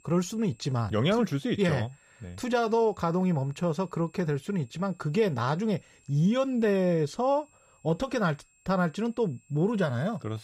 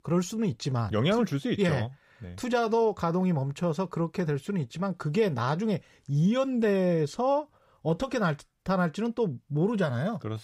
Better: second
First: high-pitched whine; faint; throughout; 7.5 kHz, 35 dB below the speech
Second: none

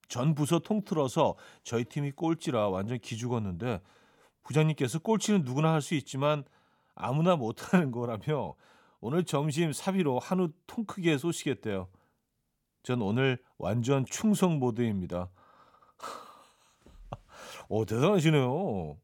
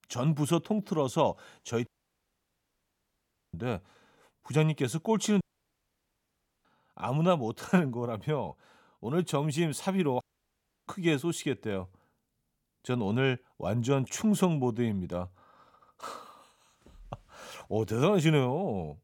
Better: first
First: none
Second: audio cutting out; at 2 s for 1.5 s, at 5.5 s for 1 s and at 10 s for 0.5 s

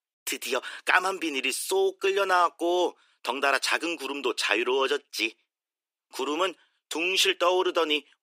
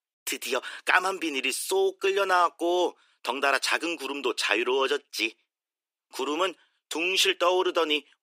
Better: neither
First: thin; somewhat; fading below 350 Hz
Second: thin; somewhat; fading below 350 Hz

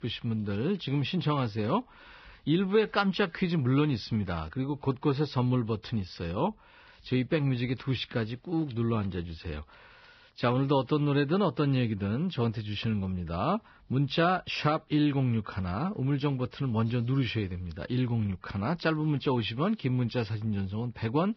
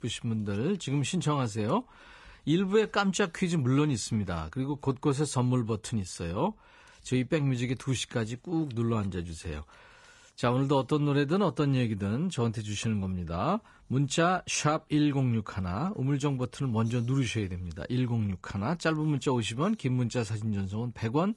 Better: second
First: garbled, watery; badly; nothing above 5.5 kHz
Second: garbled, watery; slightly; nothing above 10 kHz

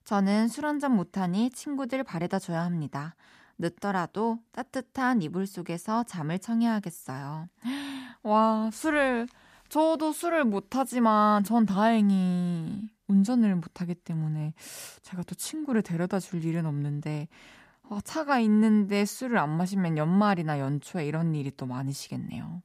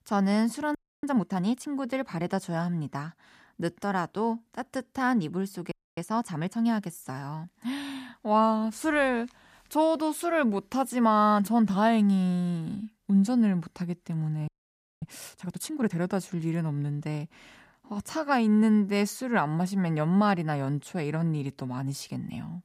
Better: first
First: none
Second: audio freezing; at 1 s, at 5.5 s and at 14 s for 0.5 s

